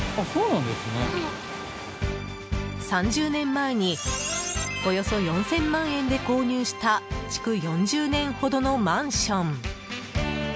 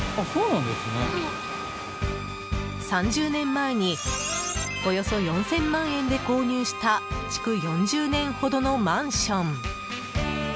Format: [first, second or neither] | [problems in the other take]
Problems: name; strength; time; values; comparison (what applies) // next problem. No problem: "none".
first | background sound (Bowed string instrument); 12 dB below the speech